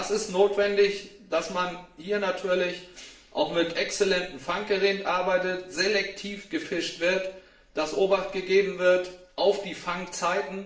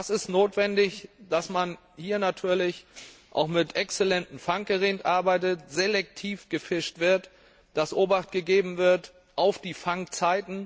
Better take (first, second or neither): second